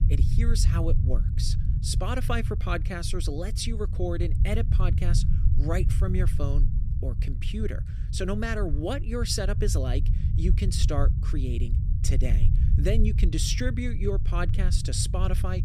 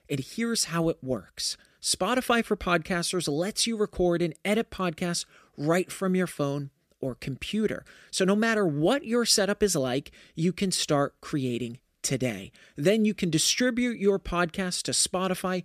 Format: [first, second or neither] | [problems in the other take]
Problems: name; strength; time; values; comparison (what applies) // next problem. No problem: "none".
second | low rumble; loud; throughout; 9 dB below the speech